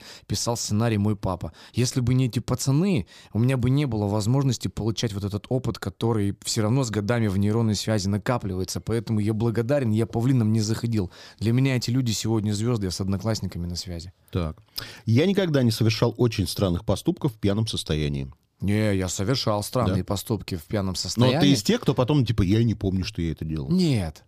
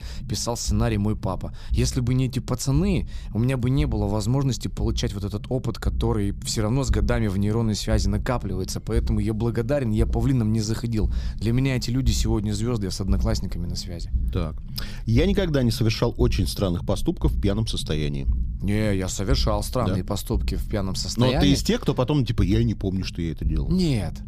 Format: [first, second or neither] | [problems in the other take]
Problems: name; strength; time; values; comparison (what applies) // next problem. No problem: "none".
first | low rumble; noticeable; throughout; 20 dB below the speech